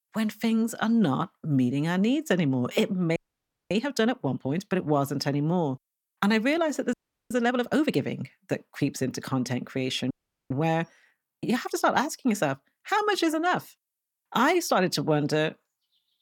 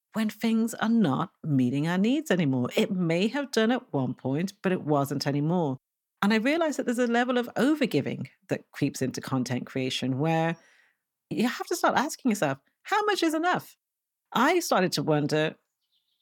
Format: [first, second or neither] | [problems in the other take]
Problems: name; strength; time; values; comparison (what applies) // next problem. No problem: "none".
second | audio freezing; at 3 s for 0.5 s, at 7 s and at 10 s